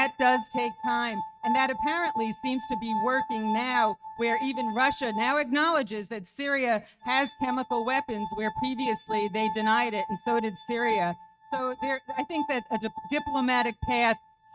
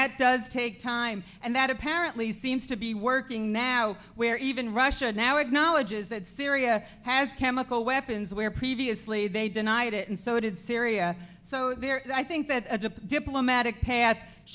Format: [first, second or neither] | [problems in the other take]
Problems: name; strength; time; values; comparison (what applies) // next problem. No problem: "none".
second | noise reduction (neural mask model RNNoise)